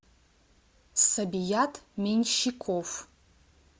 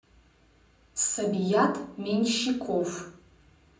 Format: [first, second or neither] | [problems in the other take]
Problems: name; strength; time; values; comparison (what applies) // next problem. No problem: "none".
first | room echo; dies away in 0.6 s